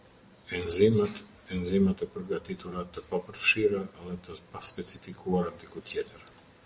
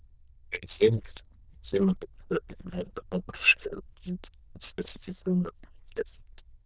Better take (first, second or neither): first